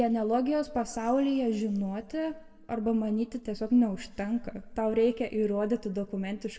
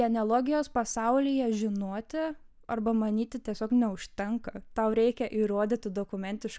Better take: second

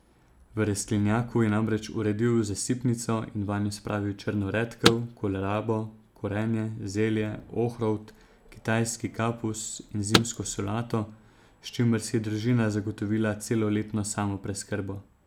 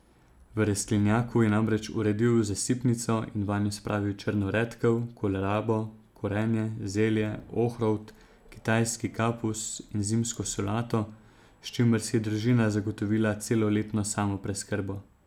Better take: second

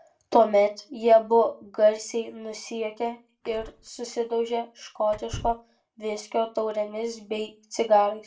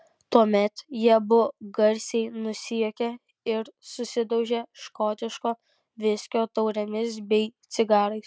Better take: second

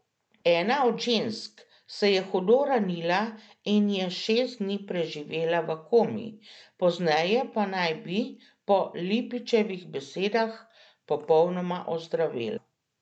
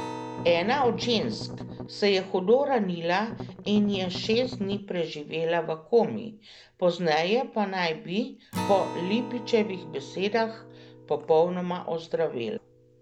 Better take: first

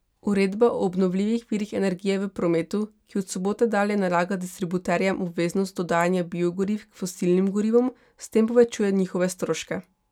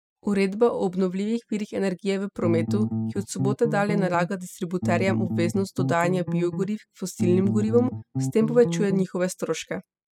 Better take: first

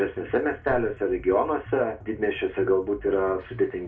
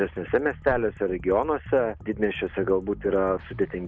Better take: second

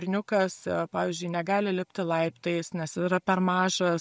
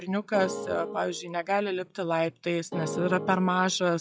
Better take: first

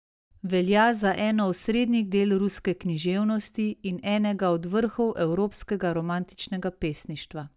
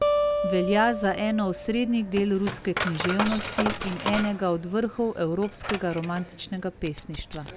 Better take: first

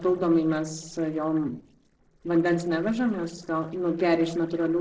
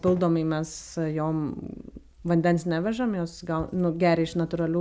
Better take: second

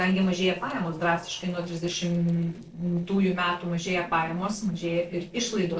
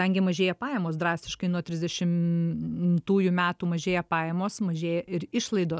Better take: second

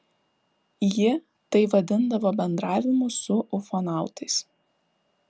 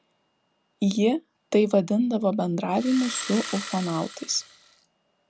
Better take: first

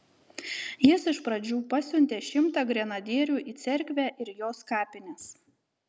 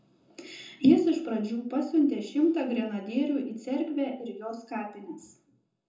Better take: first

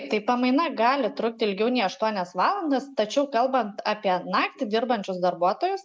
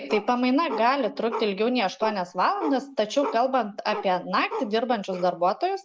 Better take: first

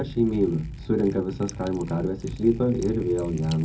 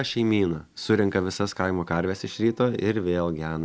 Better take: second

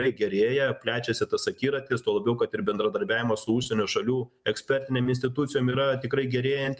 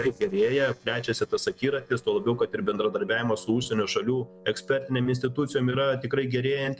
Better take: first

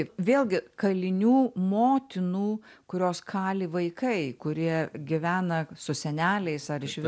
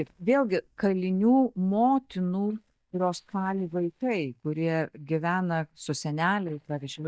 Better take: first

